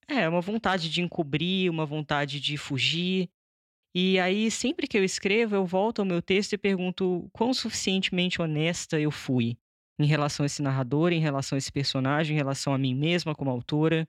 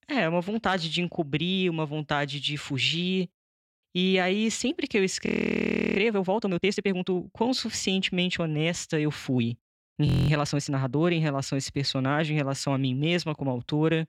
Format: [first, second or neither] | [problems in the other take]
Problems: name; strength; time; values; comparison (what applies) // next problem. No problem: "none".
first | audio freezing; at 5.5 s for 0.5 s and at 10 s